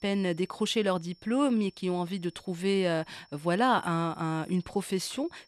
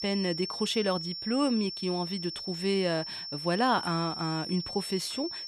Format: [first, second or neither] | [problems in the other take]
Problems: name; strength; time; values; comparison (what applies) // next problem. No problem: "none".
first | high-pitched whine; loud; throughout; 5.5 kHz, 5 dB below the speech; faint in the first